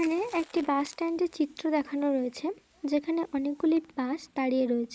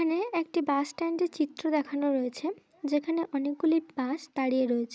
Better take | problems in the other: second | noise reduction (neural mask model Resemble Enhance denoiser)

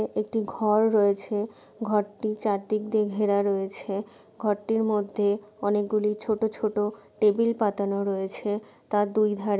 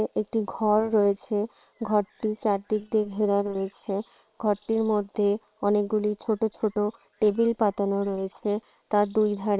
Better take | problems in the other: first | noise reduction (neural separator model SepFormer WHAM!)

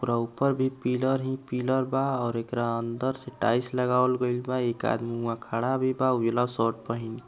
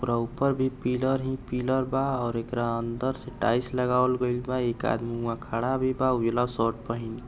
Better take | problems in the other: first | background sound (Engine); 16 dB below the speech

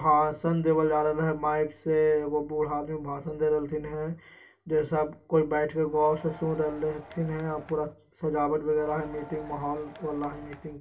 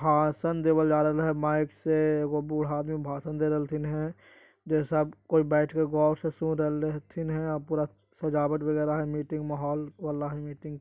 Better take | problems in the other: second | background sound (Crowd); 19 dB below the speech // room echo; dies away in 0.2 s

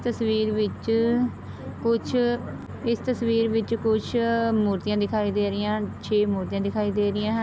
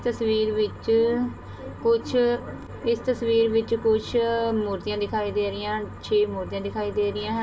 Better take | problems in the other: first | room echo; dies away in 0.2 s

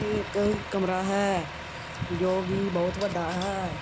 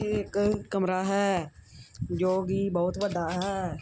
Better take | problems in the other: second | background sound (Truck); 10 dB below the speech

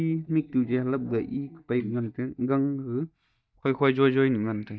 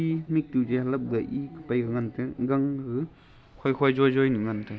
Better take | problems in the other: second | noise reduction (neural mask model DeepFilterNet 3)

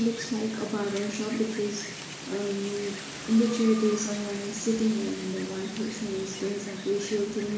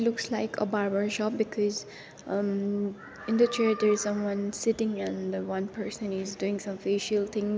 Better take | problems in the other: second | background sound (Wind); 11 dB below the speech // room echo; dies away in 0.7 s

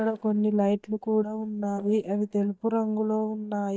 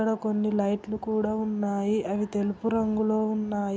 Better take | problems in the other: second | noise reduction (neural mask model DeepFilterNet 3)

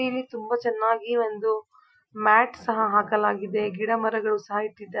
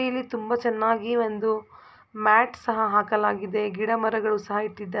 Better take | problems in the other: second | noise reduction (classical method Wiener filter)

